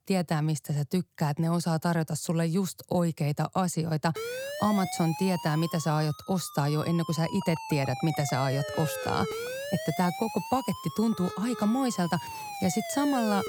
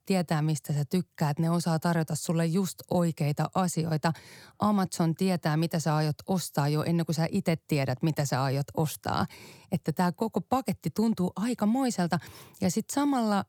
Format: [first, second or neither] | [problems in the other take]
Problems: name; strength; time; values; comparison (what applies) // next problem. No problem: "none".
second | siren; noticeable; from 4 s on; peak 5 dB below the speech